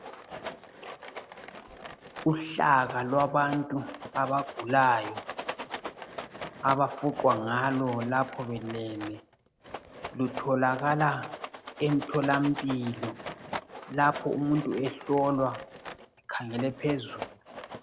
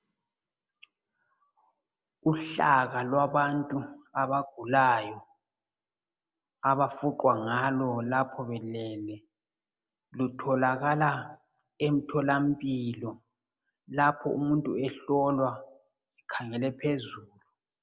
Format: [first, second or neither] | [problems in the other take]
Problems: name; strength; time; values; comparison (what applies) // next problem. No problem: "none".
second | background sound (Rattle); 12 dB below the speech